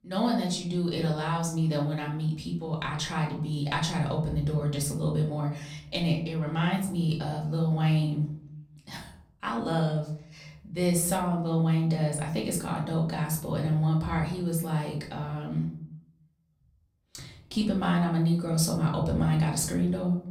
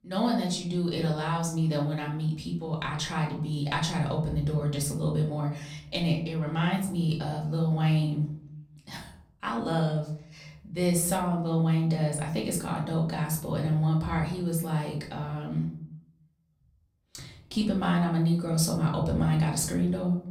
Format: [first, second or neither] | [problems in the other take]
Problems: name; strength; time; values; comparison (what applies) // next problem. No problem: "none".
neither | off-mic speech; far; the same in both // room echo; slight; dies away in 0.6 s; the same in both